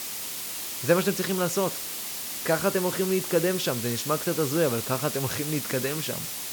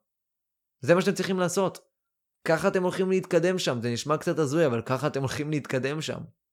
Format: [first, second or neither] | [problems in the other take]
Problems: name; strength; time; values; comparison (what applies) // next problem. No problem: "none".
second | hiss; loud; throughout; 4 dB below the speech